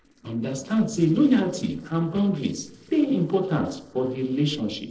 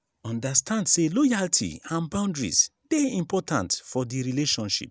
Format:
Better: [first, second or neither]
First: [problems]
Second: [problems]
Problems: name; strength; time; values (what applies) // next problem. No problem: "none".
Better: second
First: noise reduction (neural separator model SepFormer DNS4)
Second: none